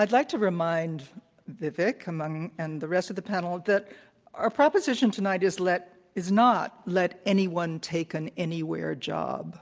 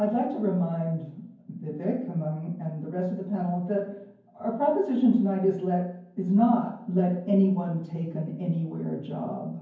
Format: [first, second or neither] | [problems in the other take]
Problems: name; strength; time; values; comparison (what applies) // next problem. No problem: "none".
first | room echo; dies away in 0.9 s